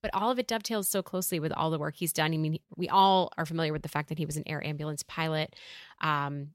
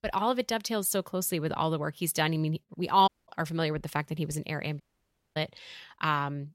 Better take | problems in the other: first | audio cutting out; at 3 s and at 5 s for 0.5 s

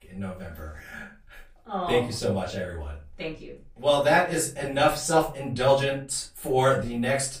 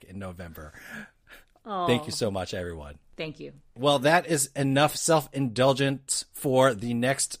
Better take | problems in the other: second | off-mic speech; far // room echo; slight; dies away in 0.3 s

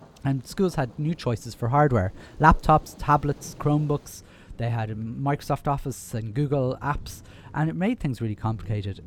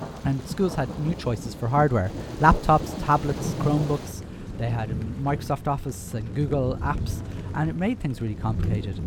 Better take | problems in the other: first | rain or running water; loud; throughout; 8 dB below the speech; faint in the first

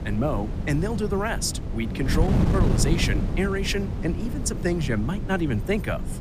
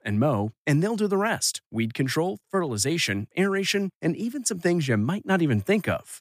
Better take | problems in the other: second | wind noise on the microphone; heavy; 7 dB below the speech

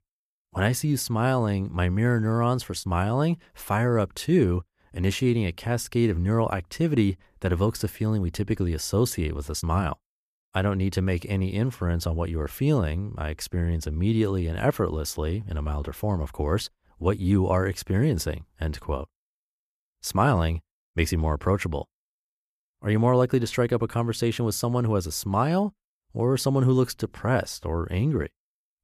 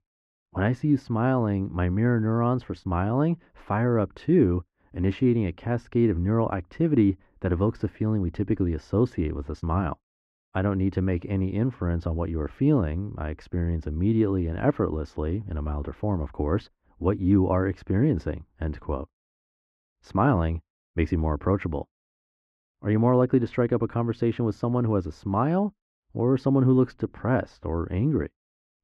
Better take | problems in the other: first | muffled; very; fading above 2 kHz

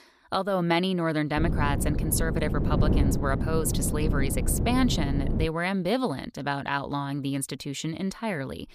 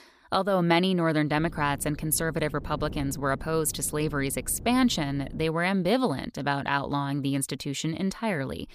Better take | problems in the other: second | wind noise on the microphone; heavy; from 1.5 to 5.5 s; 7 dB below the speech; occasional gusts in the second

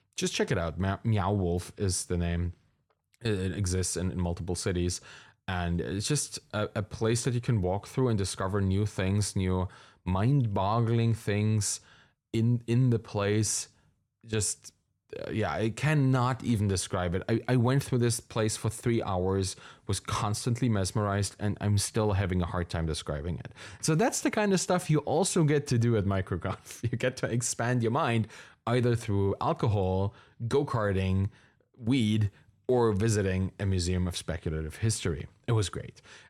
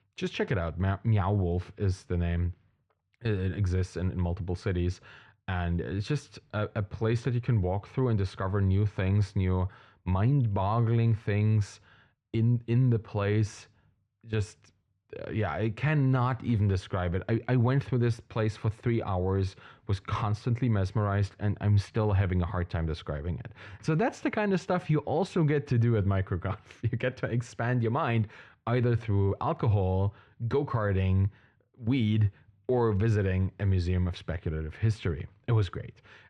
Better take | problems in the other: first | muffled; slightly; fading above 2.5 kHz

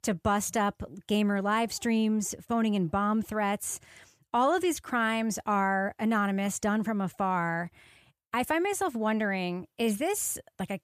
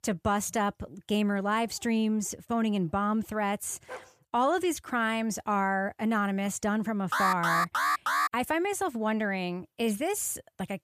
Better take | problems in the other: first | dog barking; faint; at 4 s; peak 15 dB below the speech // alarm; loud; from 7 to 8.5 s; peak 3 dB above the speech

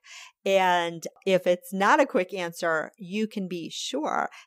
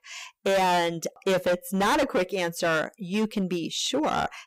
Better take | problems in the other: first | distortion; heavy; 15% of the sound clipped

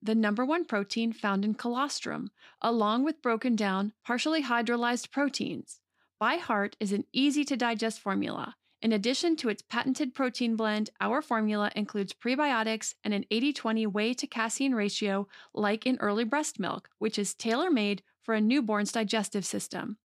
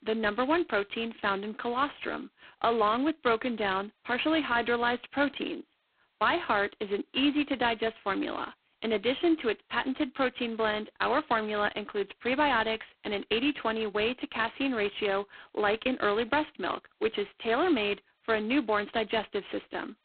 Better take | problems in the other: first | phone-call audio; poor line; nothing above 4 kHz

